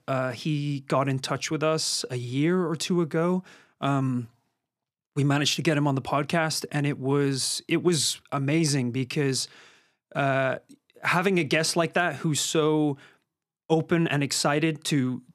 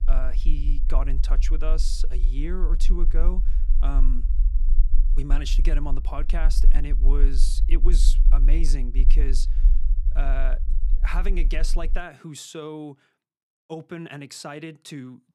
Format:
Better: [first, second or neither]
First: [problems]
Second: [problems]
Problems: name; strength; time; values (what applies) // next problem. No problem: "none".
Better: first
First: none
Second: low rumble; noticeable; until 12 s; 15 dB below the speech